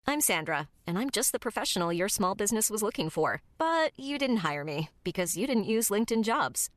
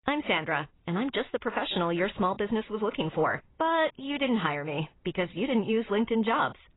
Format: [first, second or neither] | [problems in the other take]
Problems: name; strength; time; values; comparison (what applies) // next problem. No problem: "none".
first | garbled, watery; badly; nothing above 4 kHz